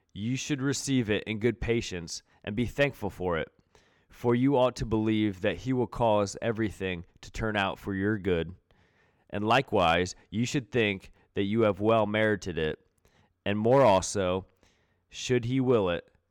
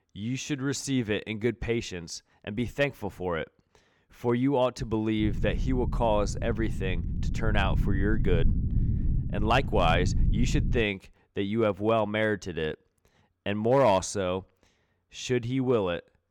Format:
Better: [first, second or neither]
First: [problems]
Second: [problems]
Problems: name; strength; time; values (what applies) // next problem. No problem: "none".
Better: first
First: none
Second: low rumble; noticeable; from 5 to 11 s; 15 dB below the speech